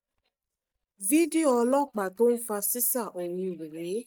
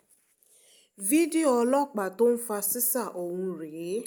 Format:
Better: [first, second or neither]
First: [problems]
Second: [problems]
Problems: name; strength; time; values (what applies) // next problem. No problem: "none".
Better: second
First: noise reduction (neural mask model DeepFilterNet 3)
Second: none